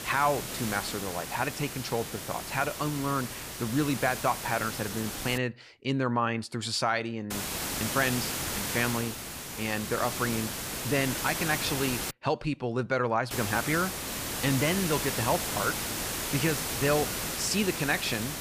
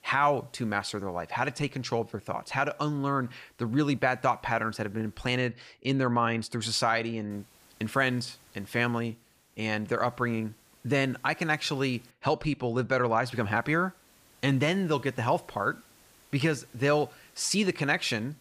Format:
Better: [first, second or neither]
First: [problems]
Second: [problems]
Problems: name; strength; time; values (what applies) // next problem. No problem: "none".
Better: second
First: hiss; loud; until 5.5 s, from 7.5 to 12 s and from 13 s on; 3 dB below the speech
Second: hiss; faint; until 5.5 s, from 7.5 to 12 s and from 13 s on; 30 dB below the speech